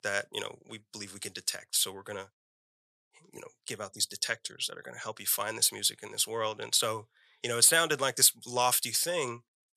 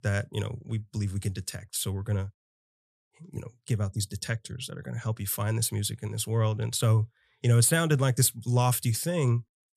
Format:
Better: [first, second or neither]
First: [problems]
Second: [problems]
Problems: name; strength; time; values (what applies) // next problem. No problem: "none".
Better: second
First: thin; very; fading below 500 Hz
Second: none